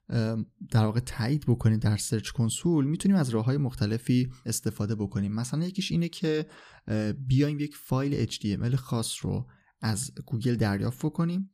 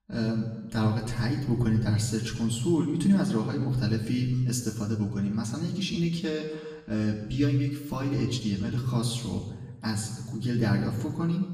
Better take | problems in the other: first | room echo; noticeable; dies away in 1 s // off-mic speech; far

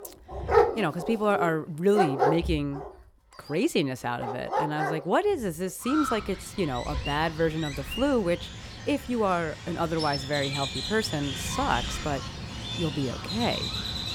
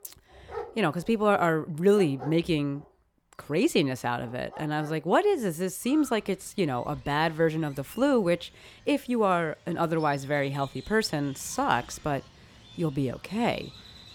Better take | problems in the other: second | animal sounds; loud; throughout; 3 dB below the speech; faint in the second

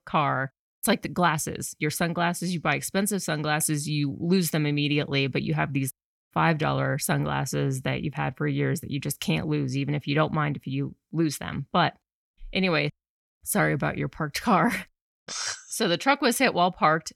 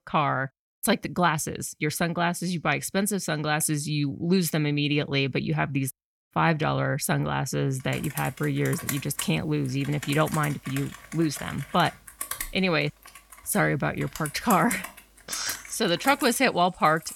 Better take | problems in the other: first | household noises; noticeable; from 8 s on; 10 dB below the speech

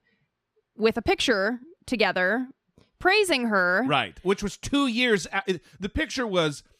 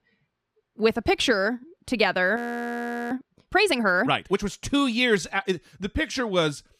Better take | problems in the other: first | audio freezing; at 2.5 s for 1 s

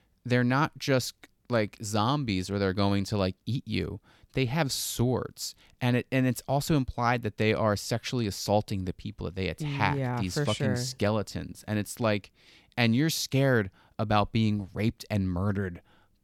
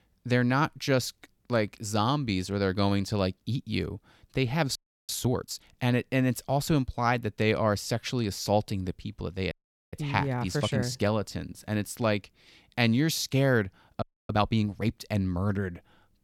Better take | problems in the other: first | audio freezing; at 5 s, at 9.5 s and at 14 s

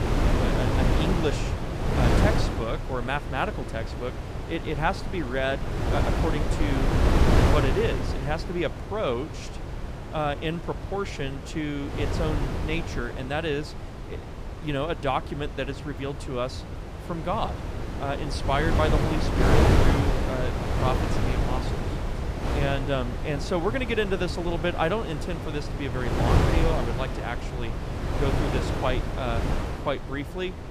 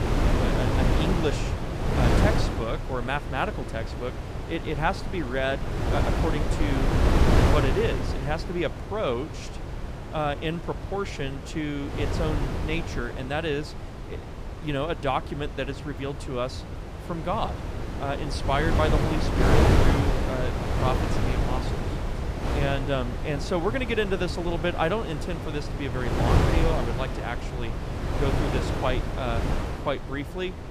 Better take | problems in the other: neither | wind noise on the microphone; heavy; 2 dB below the speech; the same in both

